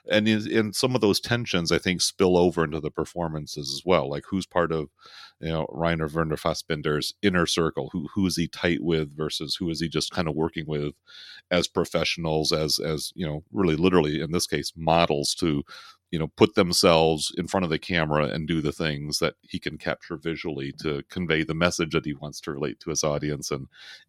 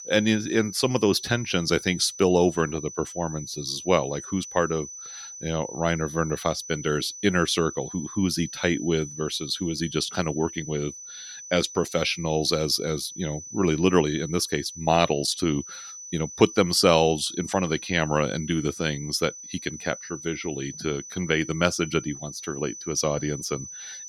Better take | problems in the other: first | high-pitched whine; noticeable; throughout; 6 kHz, 10 dB below the speech

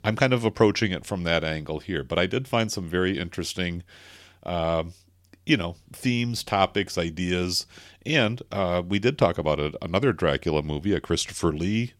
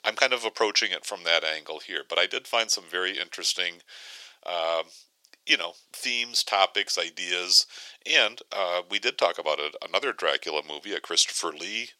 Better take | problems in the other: first | thin; very; fading below 500 Hz

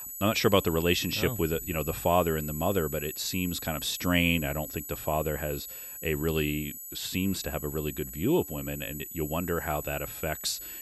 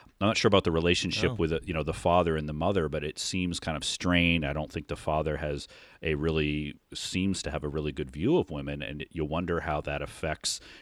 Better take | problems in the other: second | high-pitched whine; loud; throughout; 12 kHz, 8 dB below the speech

